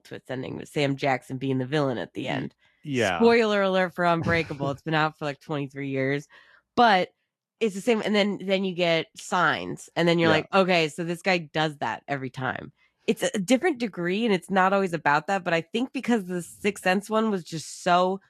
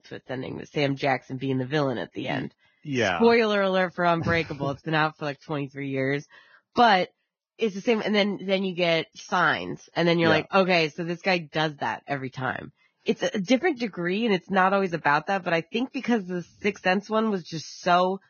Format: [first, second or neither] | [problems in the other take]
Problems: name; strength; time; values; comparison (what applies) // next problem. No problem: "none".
first | garbled, watery; badly; nothing above 6.5 kHz; slightly in the first